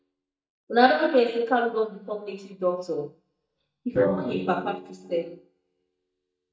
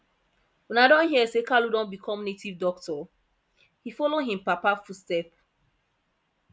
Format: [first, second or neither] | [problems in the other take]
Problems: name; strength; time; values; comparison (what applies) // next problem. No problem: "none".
second | noise reduction (neural mask model DeepFilterNet 3)